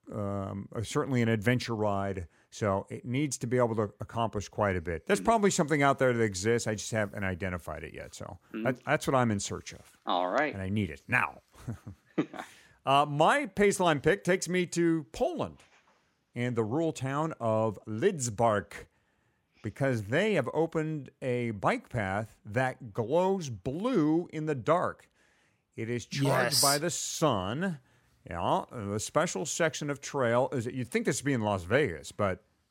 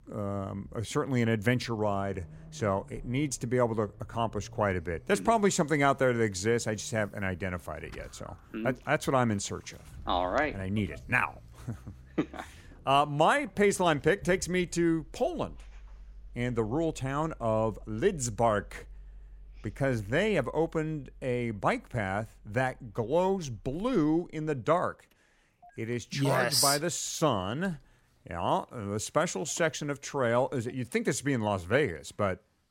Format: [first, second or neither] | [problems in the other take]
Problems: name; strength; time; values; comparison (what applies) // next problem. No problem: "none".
first | traffic noise; faint; throughout; 25 dB below the speech